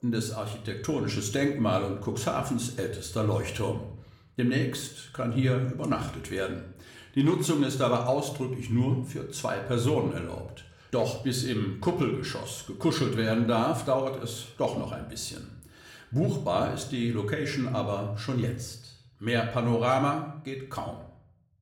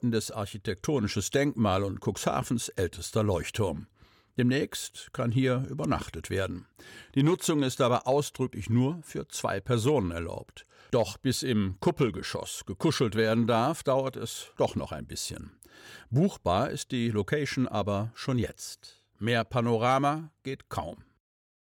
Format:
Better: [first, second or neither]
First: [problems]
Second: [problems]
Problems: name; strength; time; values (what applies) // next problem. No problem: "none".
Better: second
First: room echo; slight; dies away in 0.6 s // off-mic speech; somewhat distant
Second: none